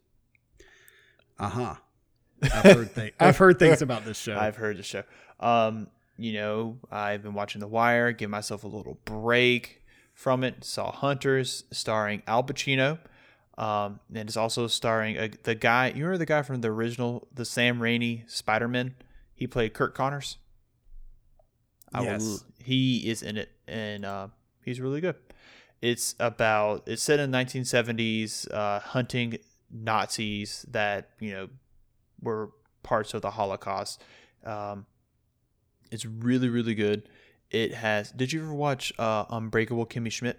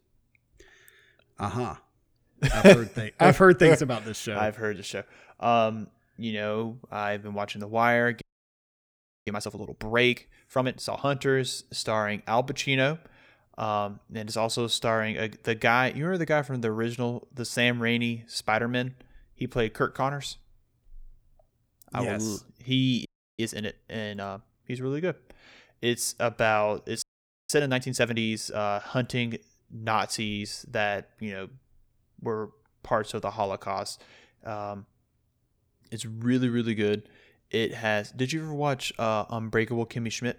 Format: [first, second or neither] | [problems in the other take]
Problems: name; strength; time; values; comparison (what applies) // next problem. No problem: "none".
first | audio freezing; at 8 s for 1 s, at 23 s and at 27 s